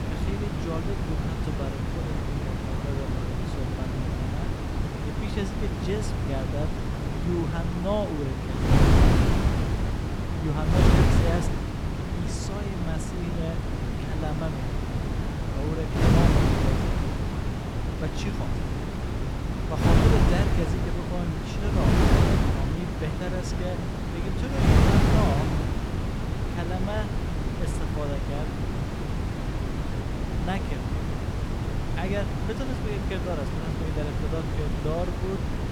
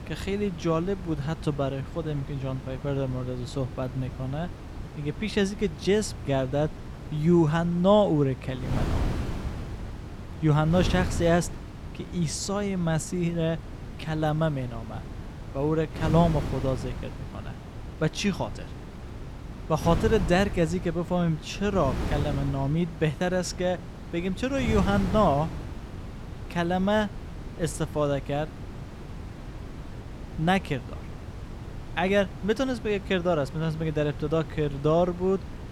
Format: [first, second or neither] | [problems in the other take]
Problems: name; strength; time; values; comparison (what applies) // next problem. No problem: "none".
second | wind noise on the microphone; heavy; 3 dB above the speech; occasional gusts in the second